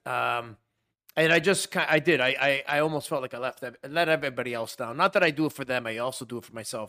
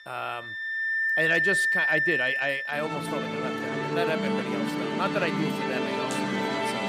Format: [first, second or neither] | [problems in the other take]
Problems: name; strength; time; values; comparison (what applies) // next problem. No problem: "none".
first | background music; very loud; throughout; 5 dB above the speech